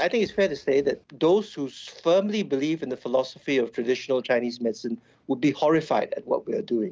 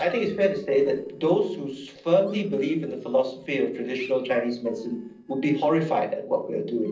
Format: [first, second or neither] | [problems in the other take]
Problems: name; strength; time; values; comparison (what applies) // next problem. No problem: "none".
first | noise reduction (neural separator model SepFormer DNS4)